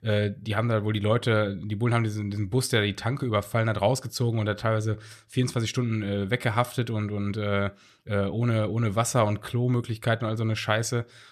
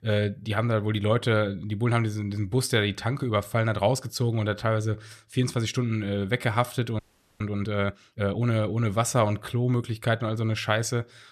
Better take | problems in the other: first | audio freezing; at 7 s

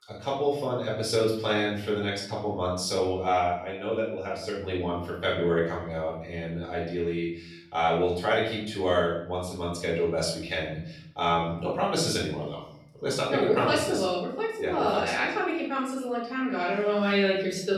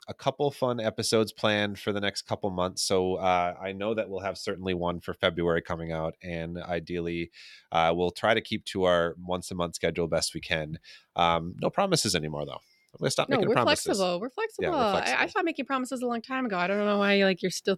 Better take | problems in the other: second | off-mic speech; far // room echo; noticeable; dies away in 0.7 s

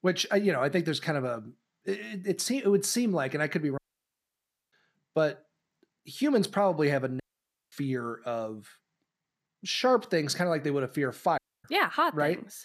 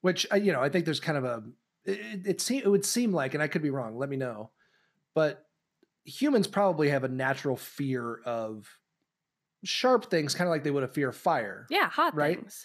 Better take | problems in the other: second | audio cutting out; at 4 s for 1 s, at 7 s for 0.5 s and at 11 s

